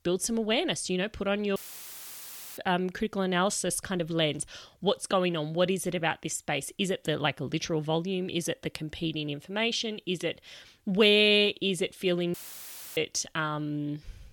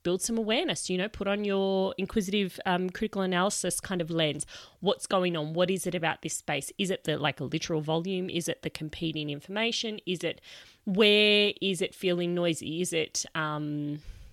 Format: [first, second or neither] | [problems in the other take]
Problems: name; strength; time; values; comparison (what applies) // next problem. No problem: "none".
second | audio cutting out; filled with static; at 1.5 s for 1 s and at 12 s for 0.5 s